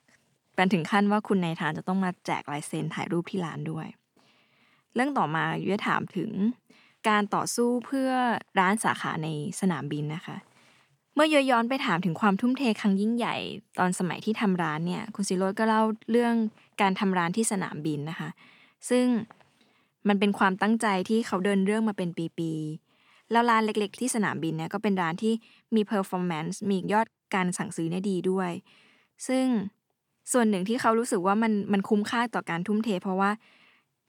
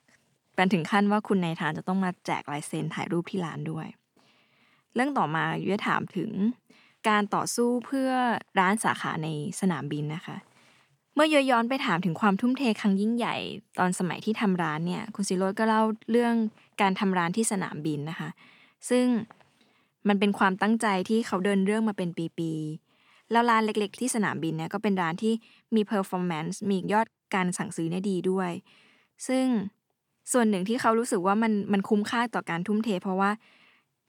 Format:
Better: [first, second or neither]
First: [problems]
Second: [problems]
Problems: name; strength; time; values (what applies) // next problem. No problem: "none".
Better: neither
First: none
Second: none